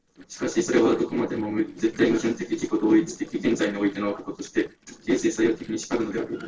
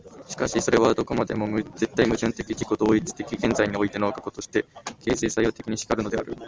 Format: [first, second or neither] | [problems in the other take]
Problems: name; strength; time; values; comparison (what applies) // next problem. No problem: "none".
second | noise reduction (neural separator model SepFormer DNS4)